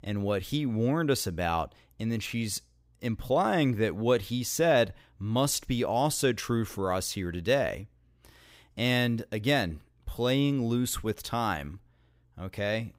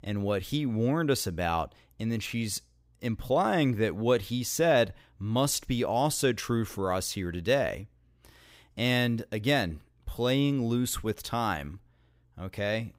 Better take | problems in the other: neither | none

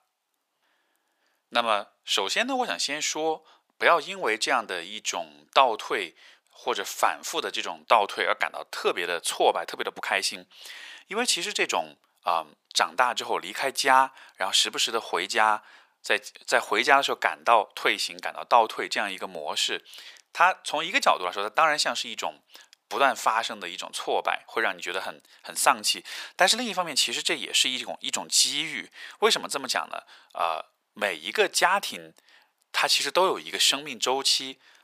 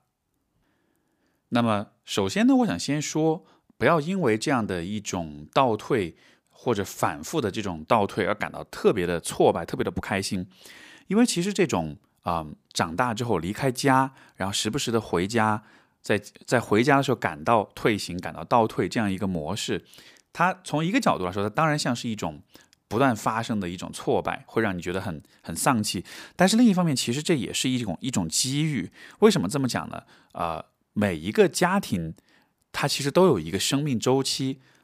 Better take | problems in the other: second | thin; very; fading below 700 Hz

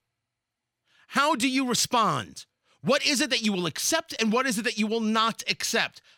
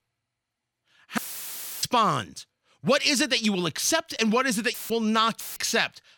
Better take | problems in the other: first | audio cutting out; filled with static; at 1 s for 0.5 s, at 4.5 s and at 5.5 s

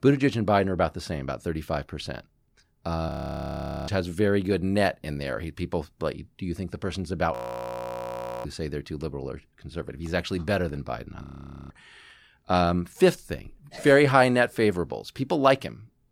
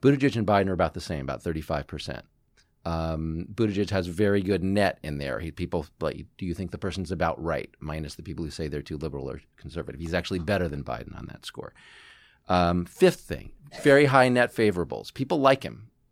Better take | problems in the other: second | audio freezing; at 3 s for 1 s, at 7.5 s for 1 s and at 11 s

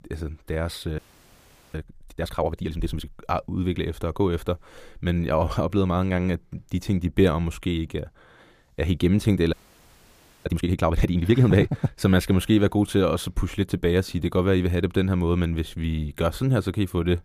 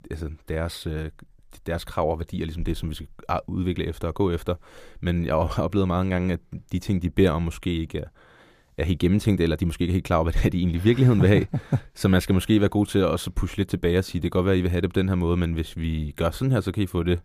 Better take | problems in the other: second | audio freezing; at 1 s for 1 s and at 9.5 s for 1 s

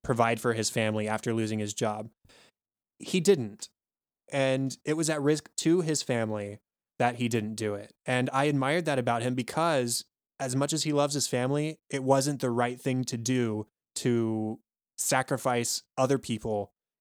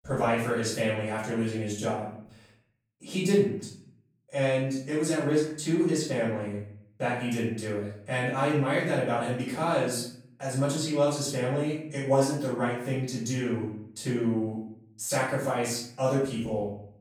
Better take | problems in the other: first | off-mic speech; far // room echo; noticeable; dies away in 0.6 s

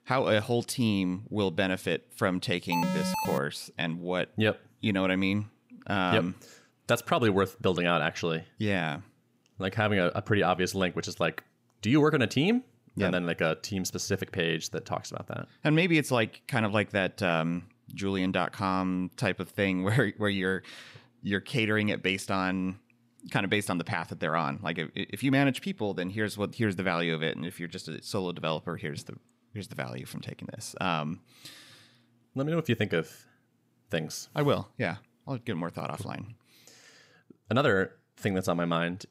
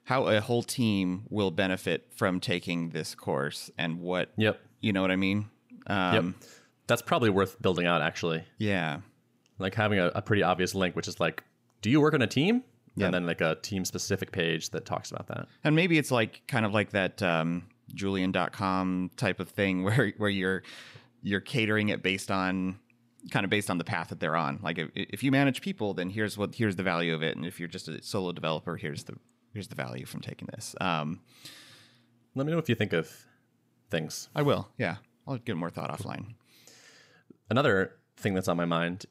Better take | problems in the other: second | alarm; noticeable; at 2.5 s; peak level with the speech

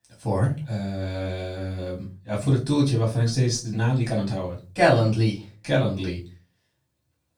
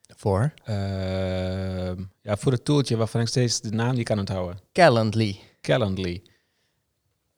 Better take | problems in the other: second | off-mic speech; far // room echo; slight; dies away in 0.3 s

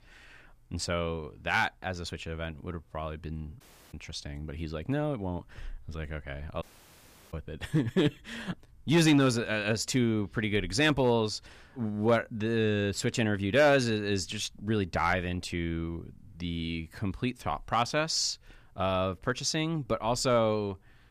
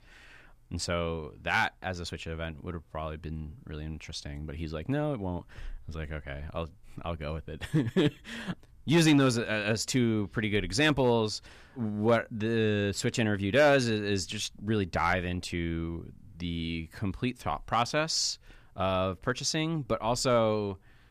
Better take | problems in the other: second | audio cutting out; at 3.5 s and at 6.5 s for 0.5 s

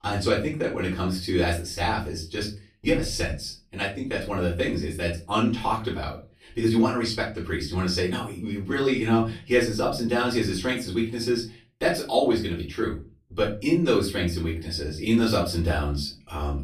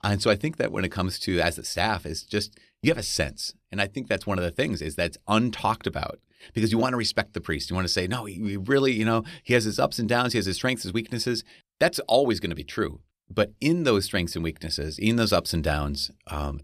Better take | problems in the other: second | off-mic speech; far // room echo; slight; dies away in 0.3 s

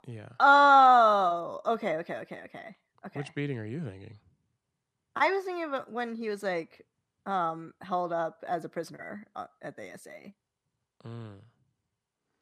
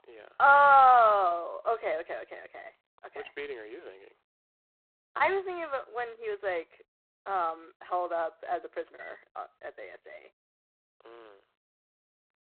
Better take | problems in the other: first | phone-call audio; poor line; nothing above 4 kHz

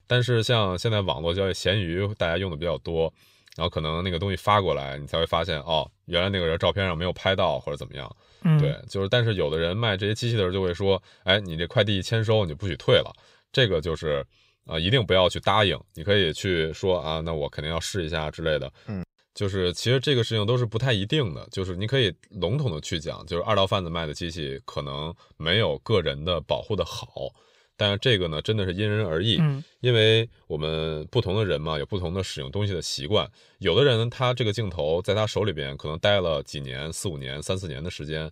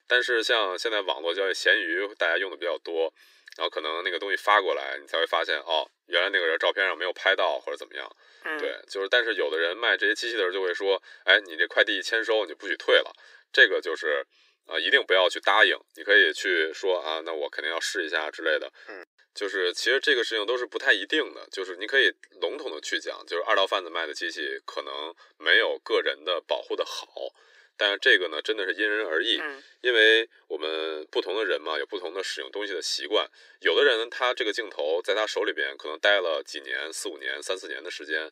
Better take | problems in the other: first | thin; very; fading below 300 Hz

